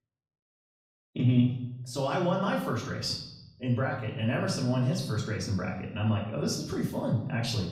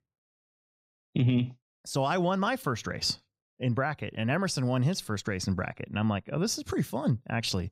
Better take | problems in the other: second | off-mic speech; far // room echo; slight; dies away in 0.8 s

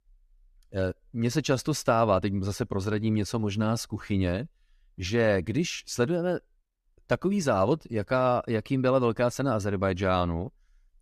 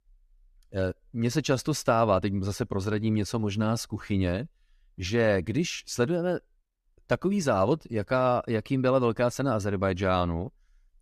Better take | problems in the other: neither | none

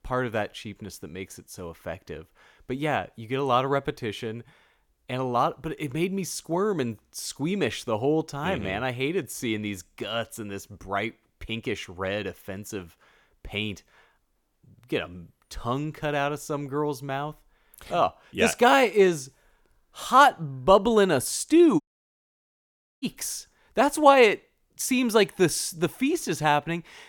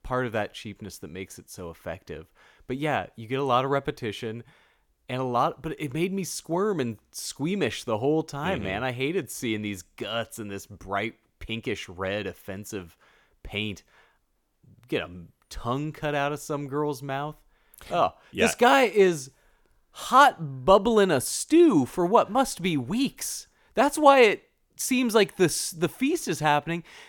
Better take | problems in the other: second | audio cutting out; at 22 s for 1 s

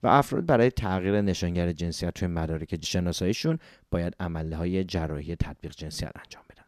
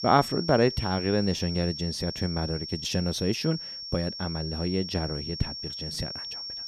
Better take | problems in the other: first | high-pitched whine; loud; throughout; 5.5 kHz, 6 dB below the speech

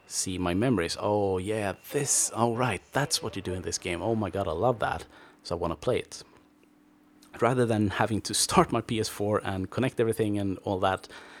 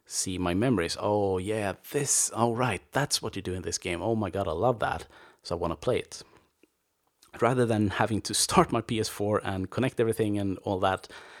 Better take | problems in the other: second | train or aircraft noise; faint; throughout; 25 dB below the speech

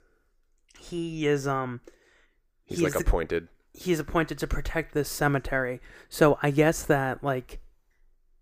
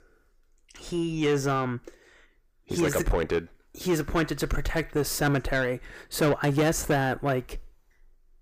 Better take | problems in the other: first | distortion; heavy; 8 dB below the speech

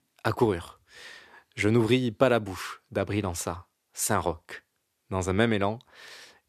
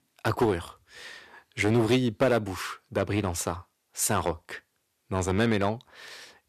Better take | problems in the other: first | distortion; slight; 3% of the sound clipped

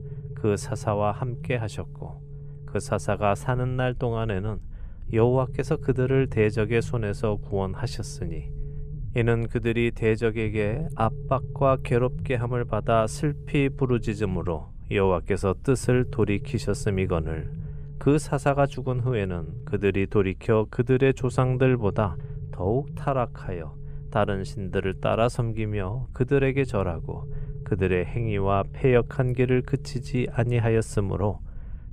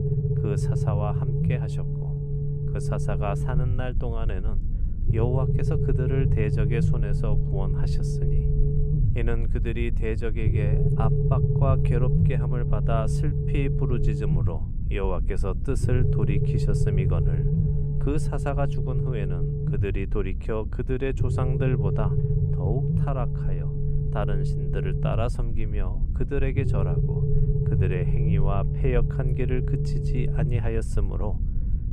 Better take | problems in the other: first | low rumble; loud; throughout; 2 dB below the speech; faint in the first

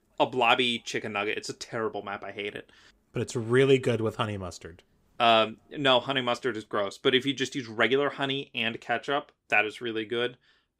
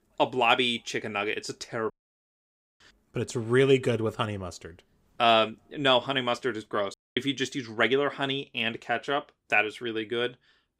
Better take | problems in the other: first | audio cutting out; at 2 s for 1 s and at 7 s

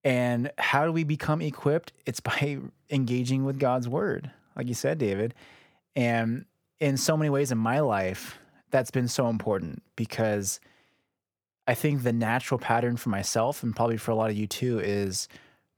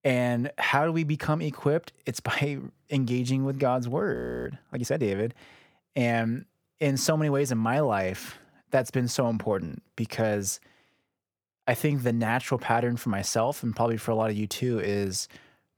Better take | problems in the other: first | audio freezing; at 4 s

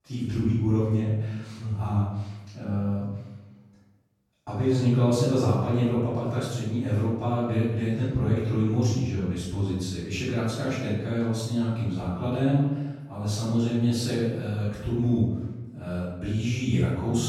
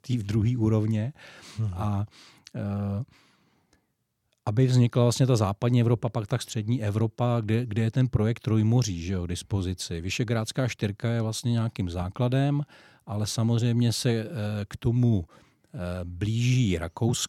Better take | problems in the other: second | off-mic speech; far // room echo; strong; dies away in 0.9 s

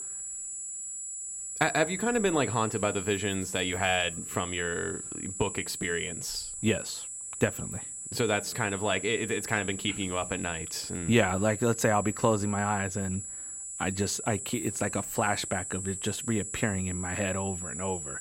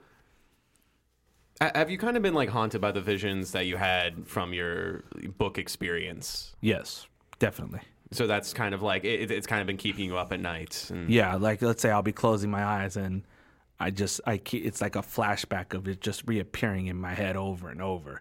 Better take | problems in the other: second | high-pitched whine; loud; throughout; 8 kHz, 6 dB below the speech

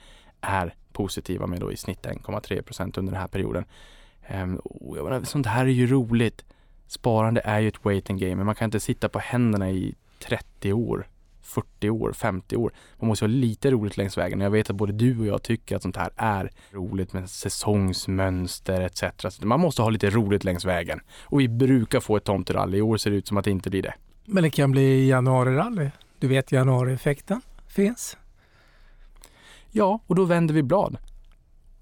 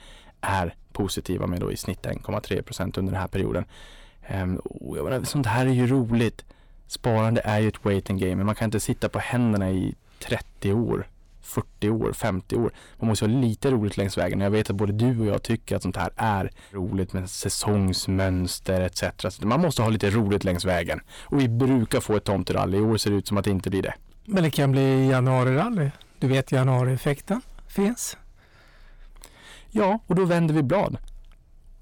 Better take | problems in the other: first | distortion; slight; 10 dB below the speech

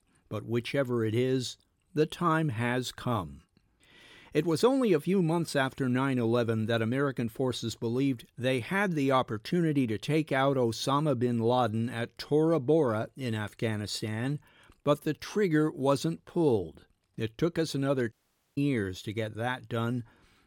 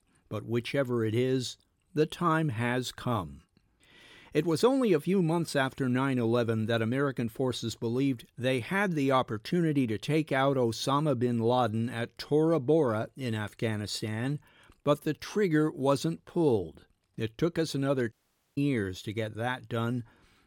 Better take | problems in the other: neither | audio cutting out; at 18 s; the same in both

